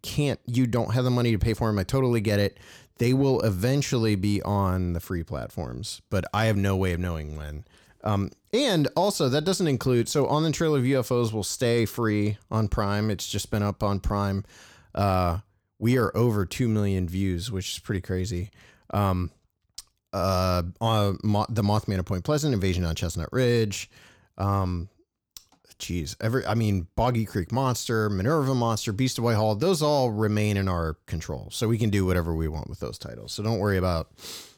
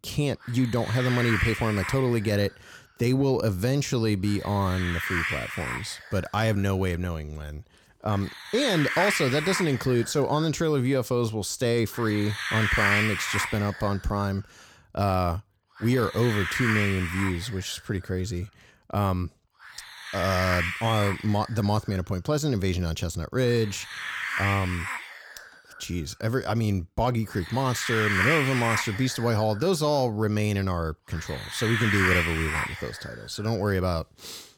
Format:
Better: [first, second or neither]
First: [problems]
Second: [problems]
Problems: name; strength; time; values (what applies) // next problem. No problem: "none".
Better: first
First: none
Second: hiss; loud; throughout; 2 dB below the speech